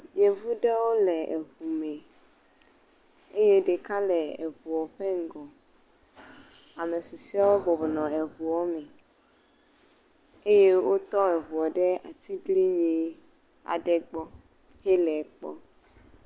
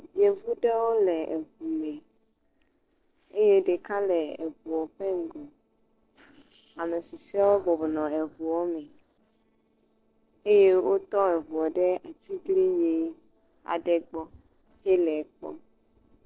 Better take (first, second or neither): first